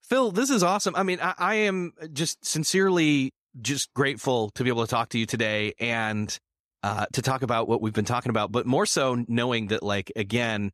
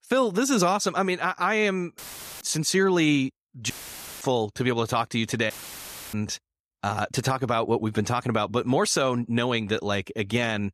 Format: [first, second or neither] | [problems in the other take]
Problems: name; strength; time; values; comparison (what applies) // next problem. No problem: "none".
first | audio cutting out; filled with static; at 2 s, at 3.5 s for 0.5 s and at 5.5 s for 0.5 s